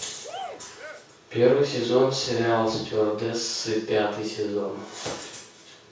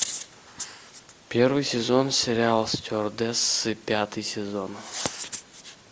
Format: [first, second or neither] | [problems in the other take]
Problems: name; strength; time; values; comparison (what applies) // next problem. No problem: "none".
second | background sound (Cheering); 14 dB below the speech // room echo; dies away in 0.6 s